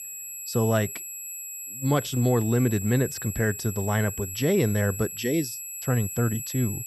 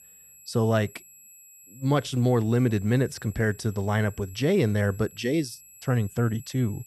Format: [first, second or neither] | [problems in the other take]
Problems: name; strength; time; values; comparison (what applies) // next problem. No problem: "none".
second | high-pitched whine; loud; throughout; 7.5 kHz, 8 dB below the speech; faint in the second